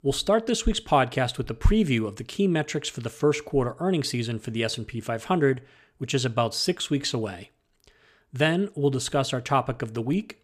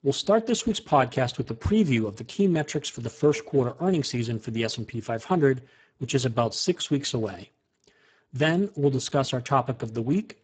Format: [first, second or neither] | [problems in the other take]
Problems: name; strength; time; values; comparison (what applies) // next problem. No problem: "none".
first | garbled, watery; badly; nothing above 7.5 kHz